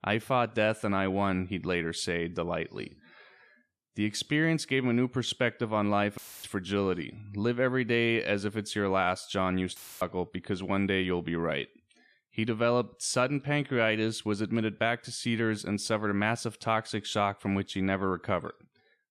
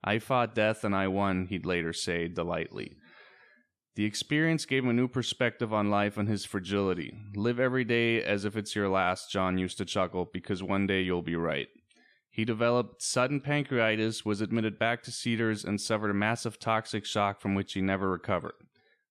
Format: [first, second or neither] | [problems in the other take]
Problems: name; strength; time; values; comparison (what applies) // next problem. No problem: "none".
second | audio cutting out; filled with static; at 6 s and at 10 s